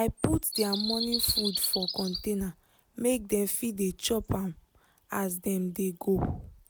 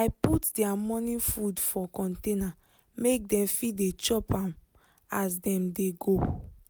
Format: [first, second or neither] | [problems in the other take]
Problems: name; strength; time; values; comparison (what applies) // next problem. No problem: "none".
second | background sound (Bird vocalization, bird call, bird song); 7 dB below the speech